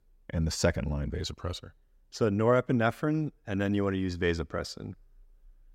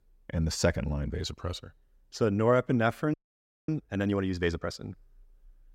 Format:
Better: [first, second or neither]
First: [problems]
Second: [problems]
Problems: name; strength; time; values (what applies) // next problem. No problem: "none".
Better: first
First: none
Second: audio freezing; at 3 s for 0.5 s